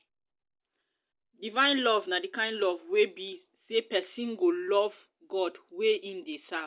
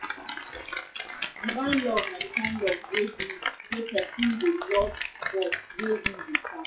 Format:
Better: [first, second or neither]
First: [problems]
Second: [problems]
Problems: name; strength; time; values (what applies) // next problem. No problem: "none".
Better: first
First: none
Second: noise reduction (classical method WPE with log-MMSE)